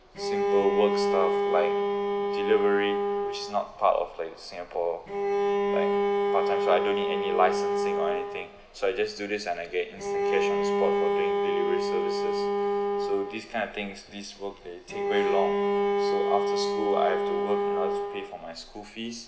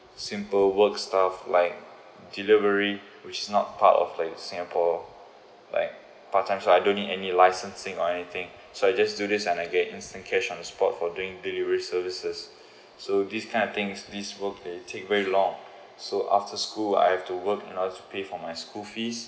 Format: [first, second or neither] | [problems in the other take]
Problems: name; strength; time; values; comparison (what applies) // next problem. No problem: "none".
second | background sound (Bowed string instrument); 3 dB above the speech